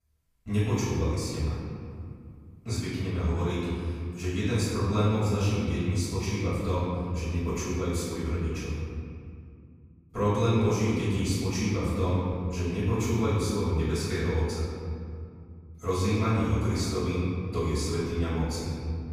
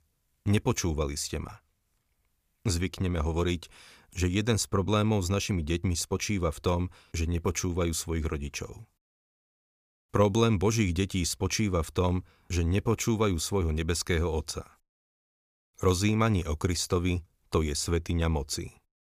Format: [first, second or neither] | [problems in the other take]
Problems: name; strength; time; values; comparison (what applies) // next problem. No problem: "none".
second | off-mic speech; far // room echo; strong; dies away in 2.6 s